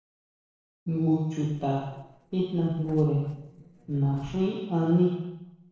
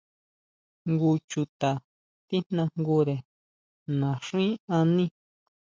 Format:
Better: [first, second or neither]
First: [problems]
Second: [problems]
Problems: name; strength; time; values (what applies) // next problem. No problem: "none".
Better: second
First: noise reduction (neural separator model SepFormer DNS4)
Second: none